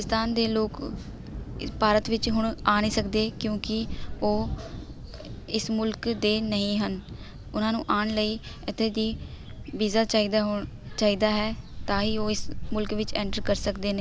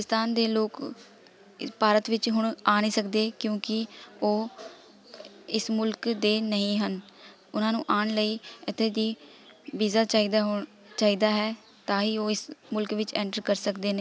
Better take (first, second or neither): second